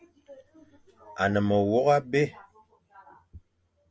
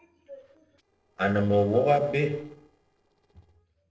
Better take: first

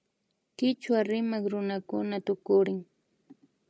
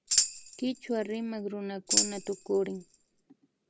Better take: first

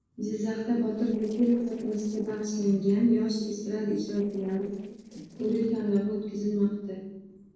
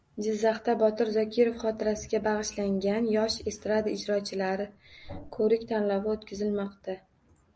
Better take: second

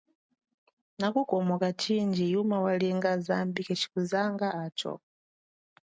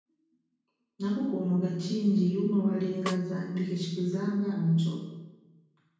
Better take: first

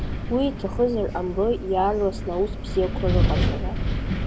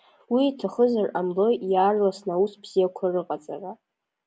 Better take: second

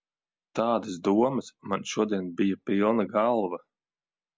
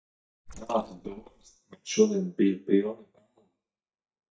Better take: first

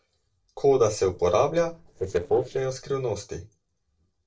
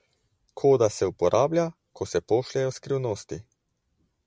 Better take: second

